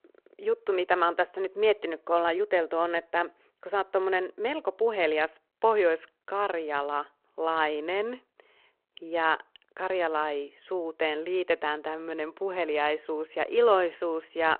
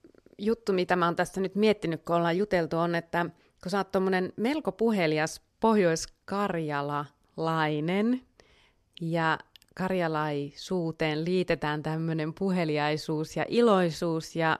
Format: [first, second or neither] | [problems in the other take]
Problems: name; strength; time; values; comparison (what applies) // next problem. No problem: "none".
second | phone-call audio